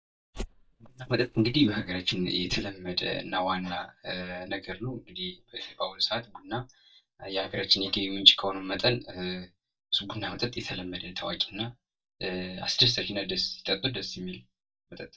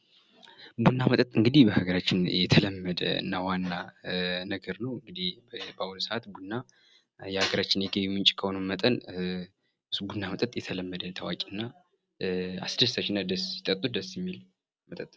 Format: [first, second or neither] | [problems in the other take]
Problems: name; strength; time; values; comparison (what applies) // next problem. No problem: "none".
second | noise reduction (neural mask model DeepFilterNet 3)